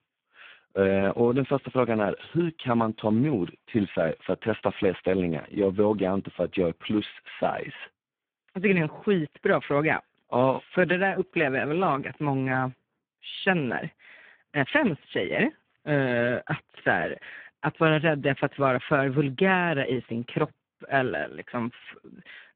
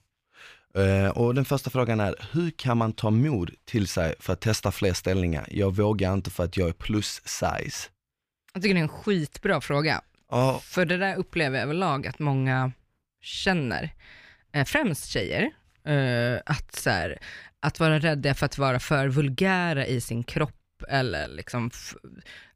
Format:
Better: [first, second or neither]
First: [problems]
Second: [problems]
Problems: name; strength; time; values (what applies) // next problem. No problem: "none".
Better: second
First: phone-call audio; poor line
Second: none